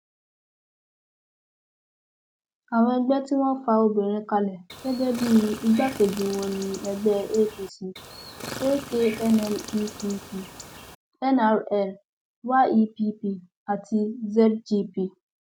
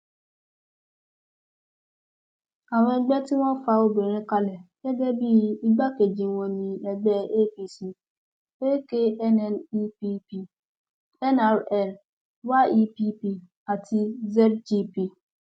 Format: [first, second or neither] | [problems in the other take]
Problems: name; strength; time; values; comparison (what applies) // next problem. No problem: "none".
second | background sound (Chirp, tweet); 13 dB below the speech